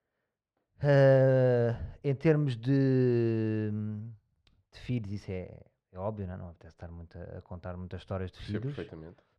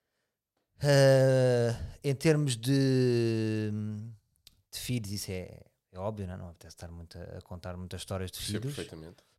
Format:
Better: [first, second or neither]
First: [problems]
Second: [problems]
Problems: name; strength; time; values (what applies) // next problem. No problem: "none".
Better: second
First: muffled; very; fading above 2 kHz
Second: none